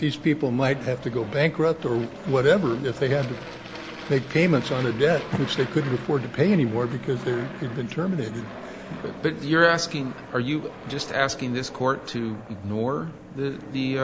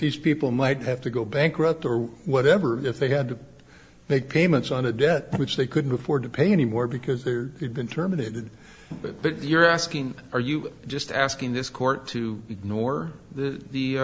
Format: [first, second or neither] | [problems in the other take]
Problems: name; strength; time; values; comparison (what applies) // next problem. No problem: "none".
second | background sound (Aircraft); 14 dB below the speech